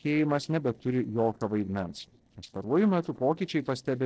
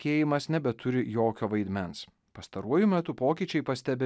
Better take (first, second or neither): second